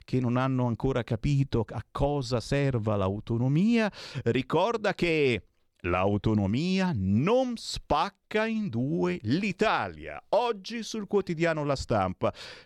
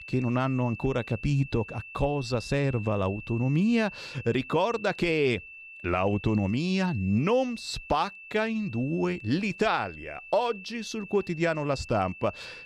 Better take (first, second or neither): first